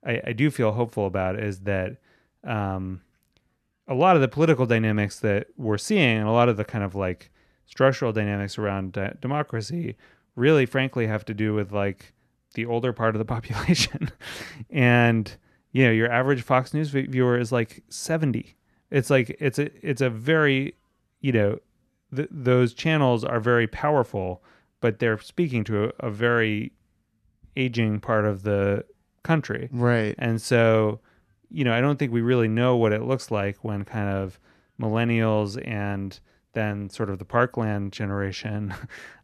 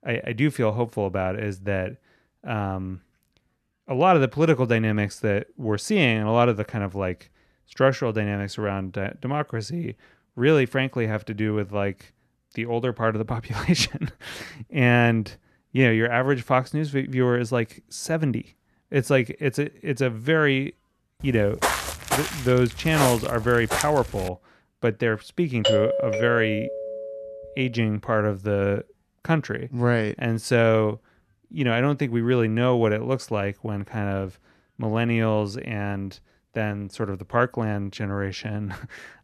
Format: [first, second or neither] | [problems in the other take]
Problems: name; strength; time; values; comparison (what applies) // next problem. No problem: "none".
first | footsteps; noticeable; from 21 to 24 s; peak level with the speech // doorbell; loud; from 26 to 27 s; peak 3 dB above the speech